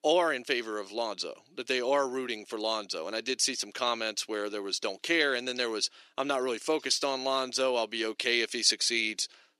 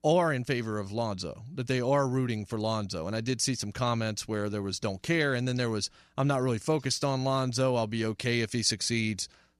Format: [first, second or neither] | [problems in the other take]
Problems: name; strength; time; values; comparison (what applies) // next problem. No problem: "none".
second | thin; somewhat; fading below 350 Hz